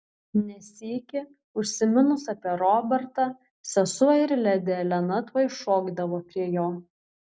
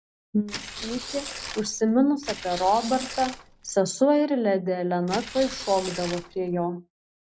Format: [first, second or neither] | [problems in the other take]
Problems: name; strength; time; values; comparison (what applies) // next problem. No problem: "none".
first | background sound (Tearing); 12 dB below the speech